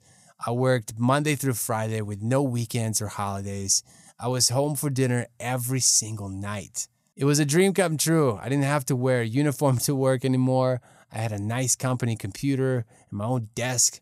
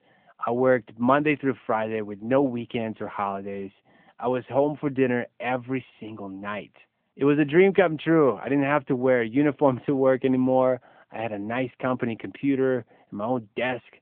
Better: first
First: none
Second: phone-call audio

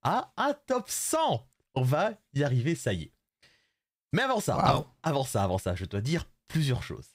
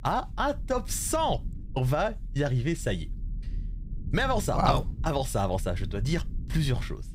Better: first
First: none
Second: low rumble; faint; throughout; 25 dB below the speech

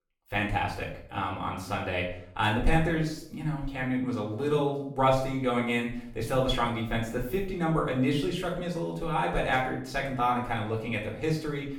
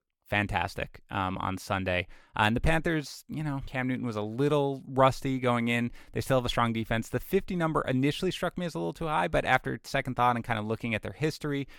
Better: second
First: off-mic speech; far // room echo; noticeable; dies away in 0.5 s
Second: none

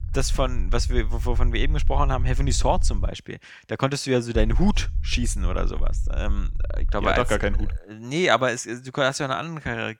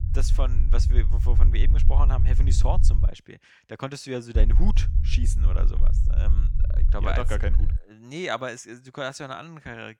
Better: first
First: low rumble; faint; until 3 s and from 4.5 to 8 s; 25 dB below the speech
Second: low rumble; loud; until 3 s and from 4.5 to 8 s; 10 dB below the speech

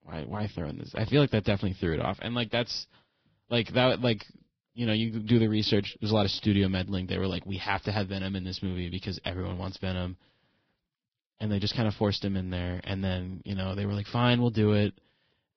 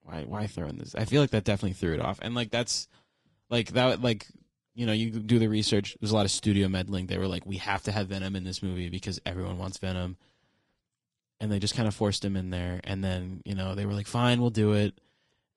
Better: second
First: garbled, watery; badly; nothing above 5.5 kHz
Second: garbled, watery; slightly; nothing above 10.5 kHz

